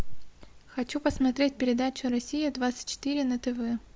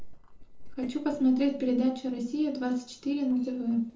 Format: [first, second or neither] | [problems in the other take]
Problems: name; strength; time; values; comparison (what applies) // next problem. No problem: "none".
first | noise reduction (neural separator model SepFormer DNS4)